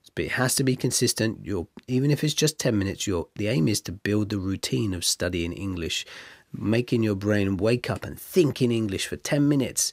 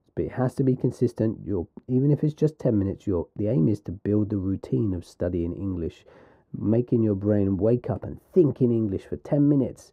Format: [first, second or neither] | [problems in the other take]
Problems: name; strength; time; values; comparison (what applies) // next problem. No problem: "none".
first | muffled; very; fading above 1.5 kHz